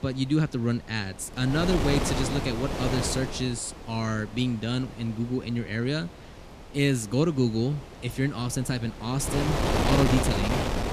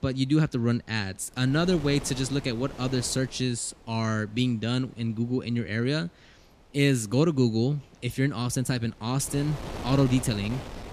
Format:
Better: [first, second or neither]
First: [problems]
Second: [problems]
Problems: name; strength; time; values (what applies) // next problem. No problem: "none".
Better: second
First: wind noise on the microphone; heavy; 1 dB above the speech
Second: wind noise on the microphone; occasional gusts; 10 dB below the speech